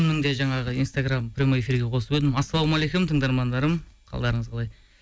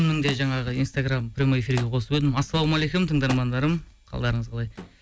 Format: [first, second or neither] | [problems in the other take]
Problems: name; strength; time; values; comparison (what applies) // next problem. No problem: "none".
first | background sound (Thump, thud); 18 dB below the speech